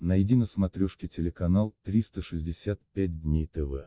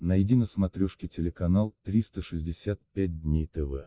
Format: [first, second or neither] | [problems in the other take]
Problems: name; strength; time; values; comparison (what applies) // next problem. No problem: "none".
first | noise reduction (neural mask model Resemble Enhance denoiser)